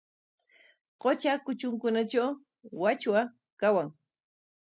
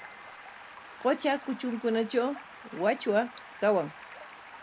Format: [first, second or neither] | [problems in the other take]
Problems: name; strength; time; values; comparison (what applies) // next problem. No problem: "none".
first | background sound (Bicycle bell + Stream); 16 dB below the speech